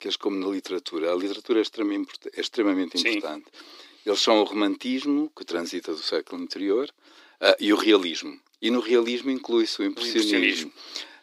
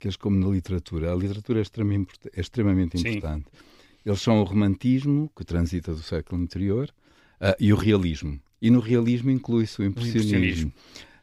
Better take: second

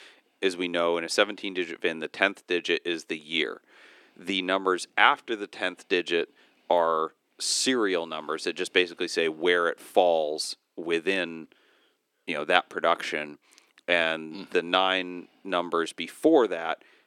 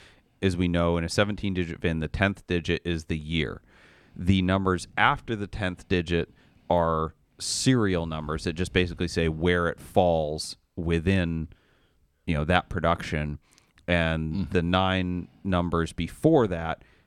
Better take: second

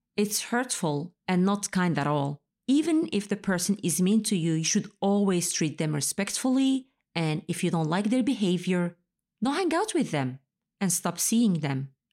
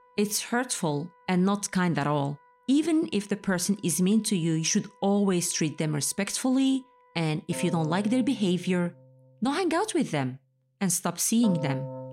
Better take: first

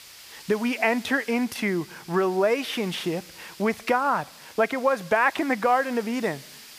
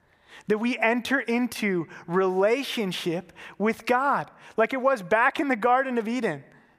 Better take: second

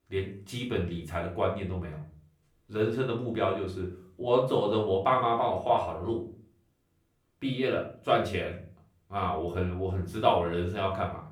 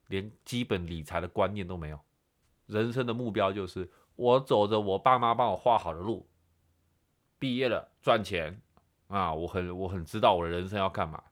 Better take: second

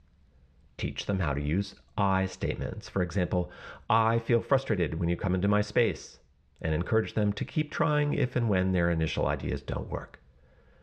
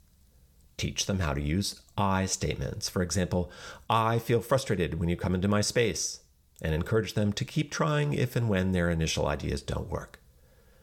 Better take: second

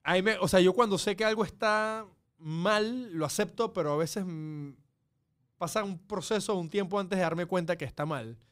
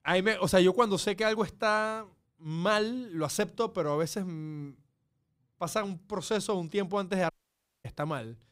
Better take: first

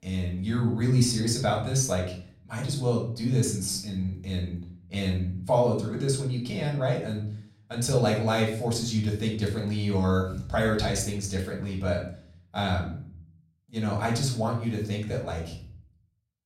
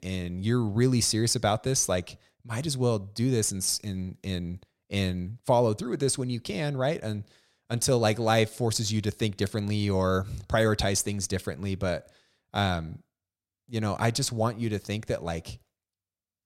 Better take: second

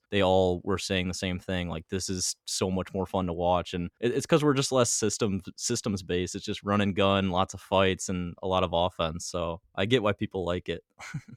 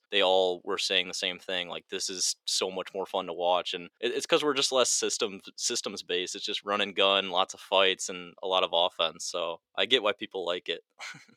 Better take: first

